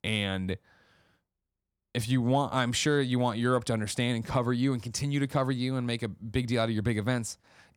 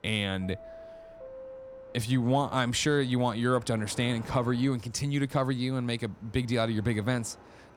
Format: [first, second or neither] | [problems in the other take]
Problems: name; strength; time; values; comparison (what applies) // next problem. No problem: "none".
first | train or aircraft noise; faint; throughout; 20 dB below the speech